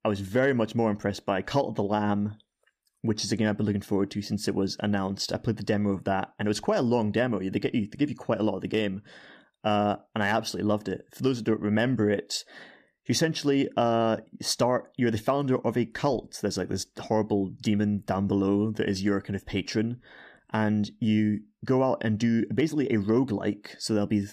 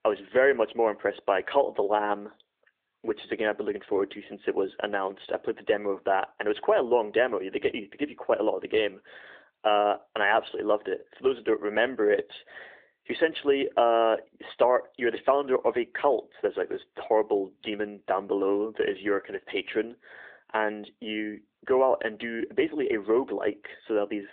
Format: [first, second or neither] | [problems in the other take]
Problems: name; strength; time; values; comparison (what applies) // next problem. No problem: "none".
first | phone-call audio